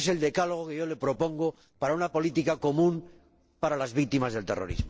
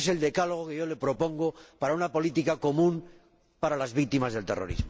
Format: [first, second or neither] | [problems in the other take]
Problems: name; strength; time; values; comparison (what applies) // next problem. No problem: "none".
second | noise reduction (neural separator model SepFormer DNS4)